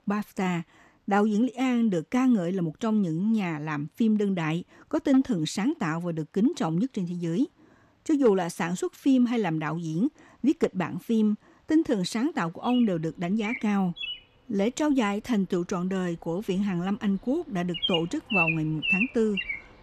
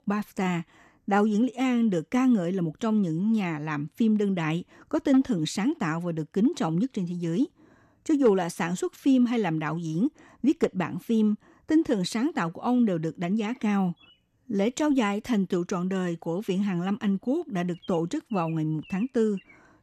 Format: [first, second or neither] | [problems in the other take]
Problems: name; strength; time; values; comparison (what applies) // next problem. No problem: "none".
second | animal sounds; loud; throughout; 3 dB below the speech; faint in the second